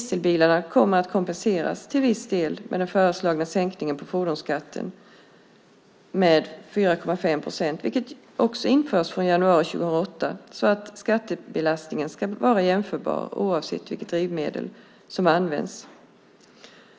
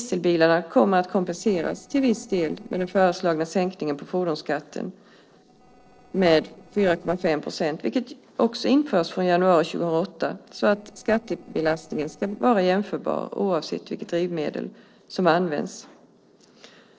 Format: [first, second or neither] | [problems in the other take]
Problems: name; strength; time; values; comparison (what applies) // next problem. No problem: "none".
first | noise reduction (neural separator model SepFormer DNS4)